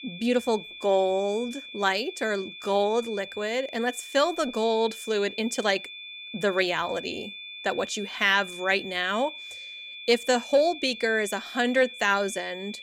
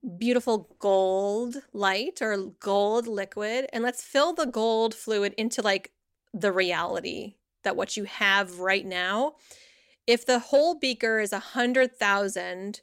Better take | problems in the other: second | high-pitched whine; noticeable; throughout; 3.5 kHz, 10 dB below the speech

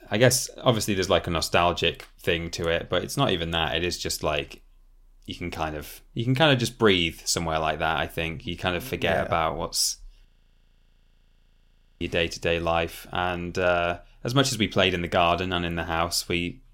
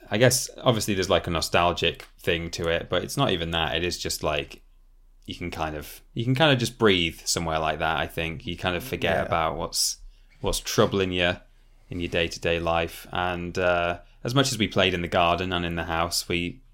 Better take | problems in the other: second | audio freezing; at 10 s for 2 s

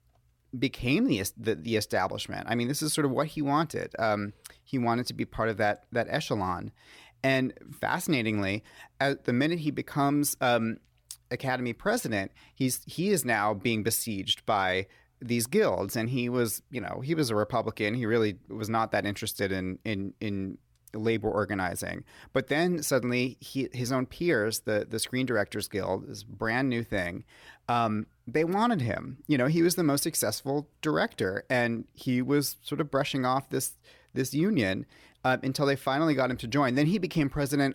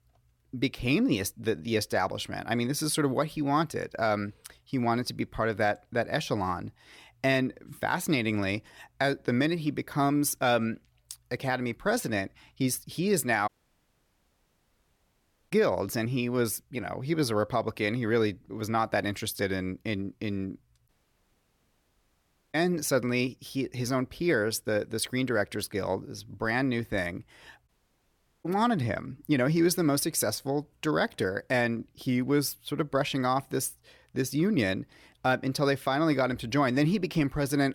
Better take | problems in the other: first | audio cutting out; at 13 s for 2 s, at 21 s for 1.5 s and at 28 s for 1 s

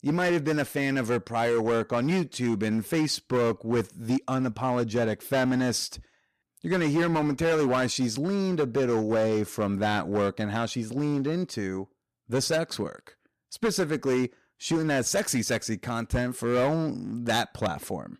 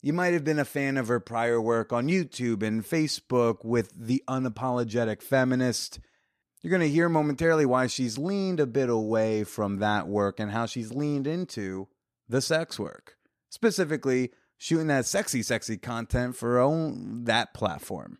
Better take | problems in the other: second | distortion; slight; 10% of the sound clipped

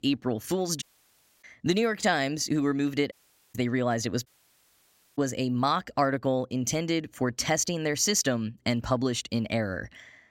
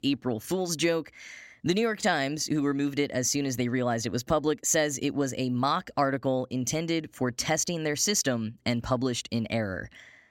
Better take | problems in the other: second | audio cutting out; at 1 s for 0.5 s, at 3 s and at 4.5 s for 1 s

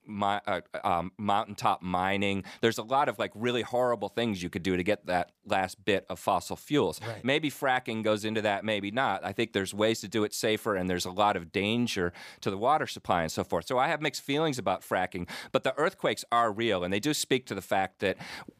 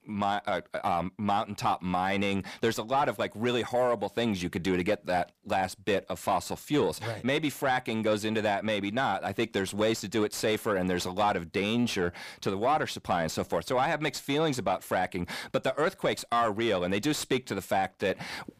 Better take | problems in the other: first | distortion; slight; 10 dB below the speech

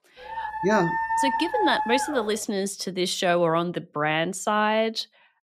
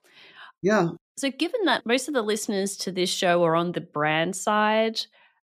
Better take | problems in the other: second | dog barking; loud; until 2.5 s; peak 1 dB above the speech

